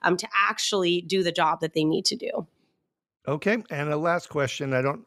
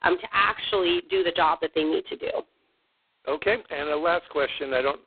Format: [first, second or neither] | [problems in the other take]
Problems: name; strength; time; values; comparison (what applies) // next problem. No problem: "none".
first | phone-call audio; poor line; nothing above 4 kHz